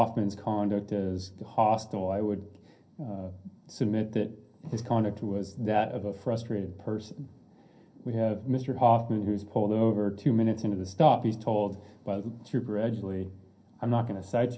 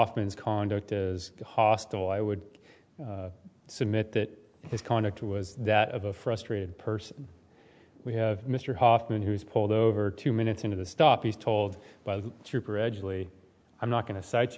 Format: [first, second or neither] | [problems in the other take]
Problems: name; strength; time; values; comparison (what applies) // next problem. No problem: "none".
second | room echo; dies away in 0.3 s